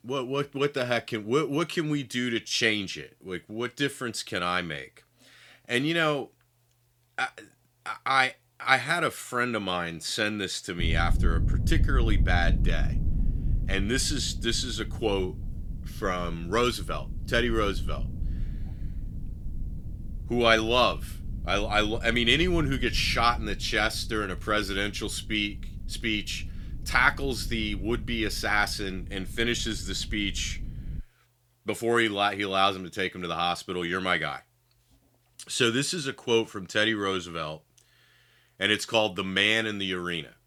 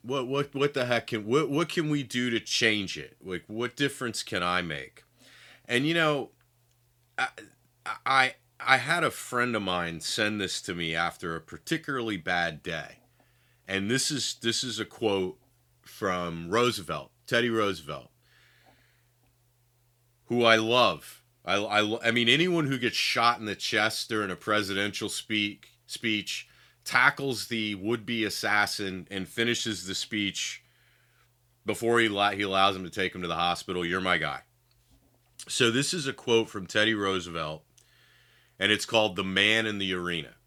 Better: second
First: low rumble; faint; from 11 to 31 s; 20 dB below the speech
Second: none

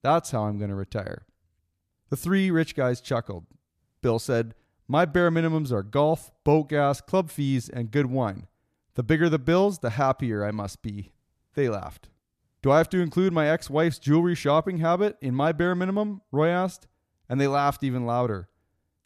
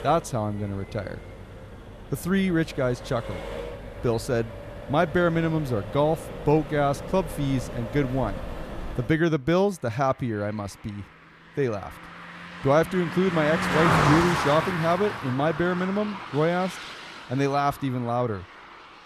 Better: first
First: none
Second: traffic noise; loud; throughout; 6 dB below the speech

